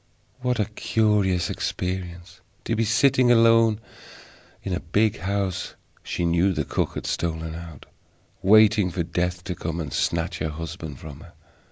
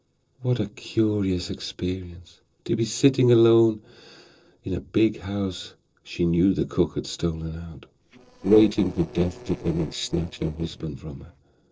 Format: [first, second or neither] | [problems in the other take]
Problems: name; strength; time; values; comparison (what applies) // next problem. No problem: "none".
first | noise reduction (neural separator model SepFormer DNS4)